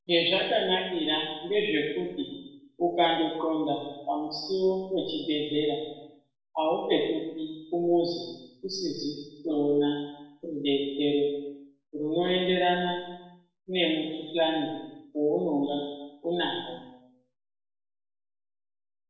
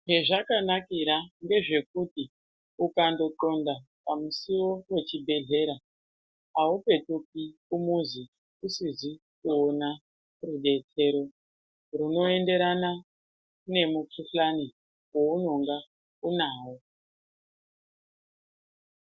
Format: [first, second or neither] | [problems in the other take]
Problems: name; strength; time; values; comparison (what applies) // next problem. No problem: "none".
second | room echo; dies away in 0.8 s